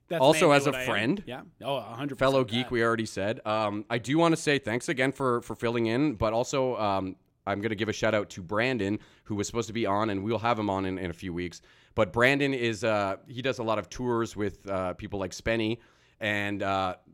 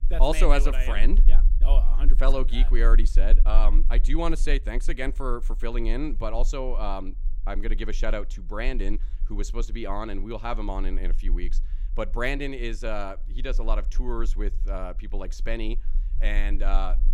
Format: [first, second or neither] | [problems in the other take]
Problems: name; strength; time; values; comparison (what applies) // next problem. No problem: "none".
first | low rumble; faint; throughout; 25 dB below the speech